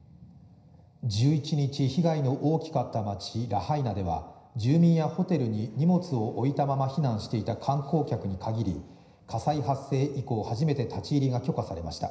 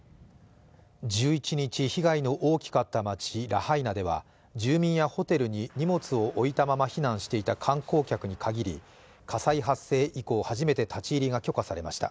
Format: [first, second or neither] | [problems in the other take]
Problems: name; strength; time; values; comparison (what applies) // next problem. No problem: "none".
second | room echo; dies away in 0.9 s